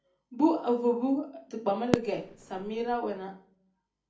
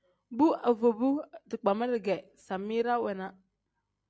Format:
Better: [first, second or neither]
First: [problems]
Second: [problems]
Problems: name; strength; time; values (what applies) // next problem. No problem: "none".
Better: second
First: background sound (Fireworks); 4 dB below the speech // room echo; dies away in 0.4 s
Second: none